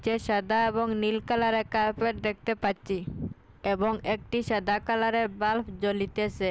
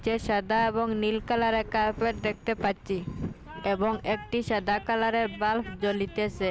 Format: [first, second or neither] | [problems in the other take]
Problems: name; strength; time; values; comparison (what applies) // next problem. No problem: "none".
first | background sound (Train); 16 dB below the speech